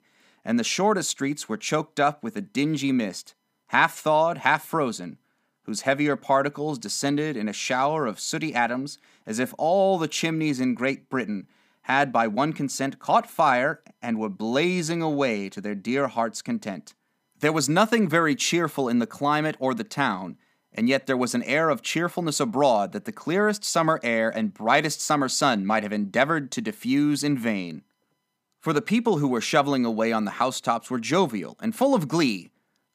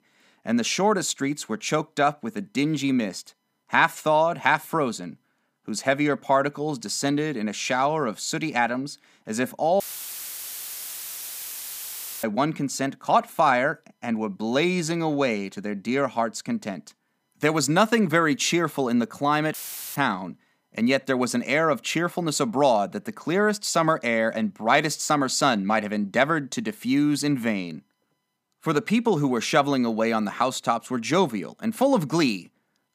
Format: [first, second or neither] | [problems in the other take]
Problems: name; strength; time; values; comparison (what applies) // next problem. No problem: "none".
first | audio cutting out; filled with static; at 10 s for 2.5 s and at 20 s